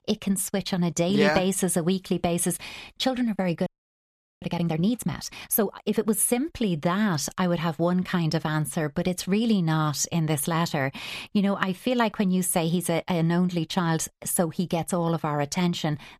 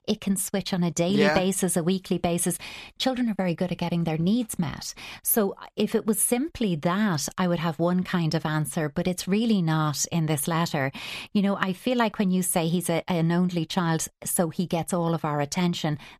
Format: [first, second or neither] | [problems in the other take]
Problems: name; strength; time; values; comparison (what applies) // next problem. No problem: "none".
second | audio freezing; at 3.5 s for 1 s